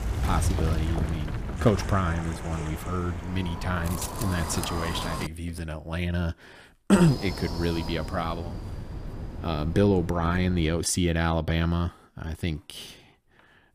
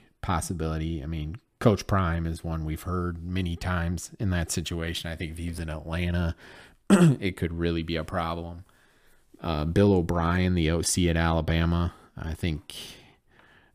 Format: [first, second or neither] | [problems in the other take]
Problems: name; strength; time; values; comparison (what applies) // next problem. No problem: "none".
second | wind noise on the microphone; heavy; until 5.5 s and from 7 to 11 s; 7 dB below the speech